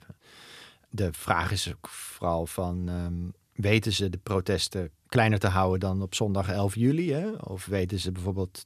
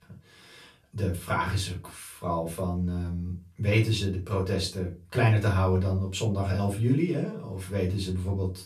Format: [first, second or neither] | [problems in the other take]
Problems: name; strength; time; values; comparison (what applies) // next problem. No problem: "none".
first | off-mic speech; far // room echo; slight; dies away in 0.2 s